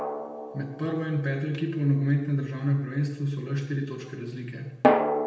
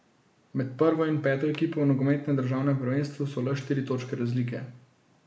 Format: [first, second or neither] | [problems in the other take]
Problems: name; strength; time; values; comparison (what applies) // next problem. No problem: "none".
second | background sound (Drum); 2 dB below the speech // room echo; dies away in 0.8 s